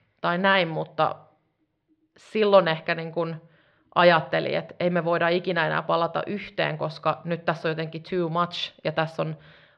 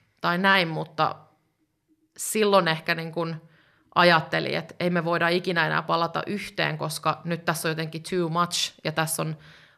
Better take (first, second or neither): second